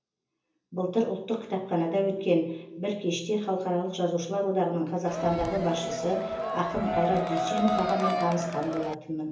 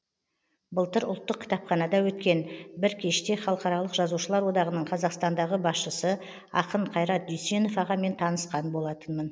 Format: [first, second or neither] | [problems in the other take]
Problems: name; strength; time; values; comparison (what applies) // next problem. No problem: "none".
second | background sound (Crowd); 2 dB below the speech // room echo; dies away in 0.7 s